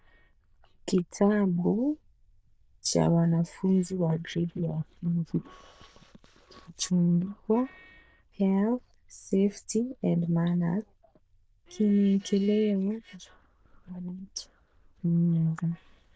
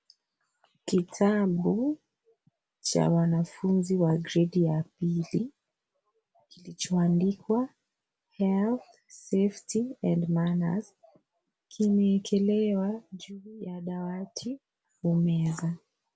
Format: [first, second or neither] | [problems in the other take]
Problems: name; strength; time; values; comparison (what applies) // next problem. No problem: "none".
second | noise reduction (neural diffusion model UNIVERSE++)